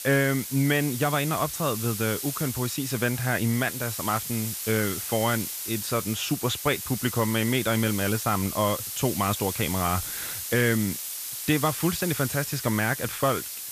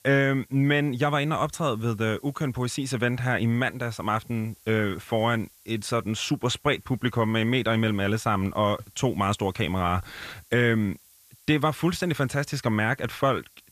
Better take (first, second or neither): second